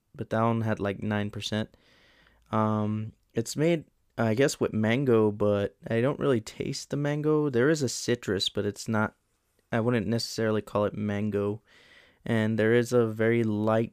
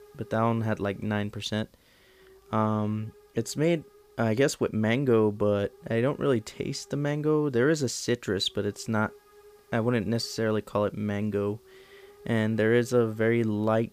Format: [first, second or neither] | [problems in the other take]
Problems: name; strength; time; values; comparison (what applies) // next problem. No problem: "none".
first | hiss; faint; throughout; 30 dB below the speech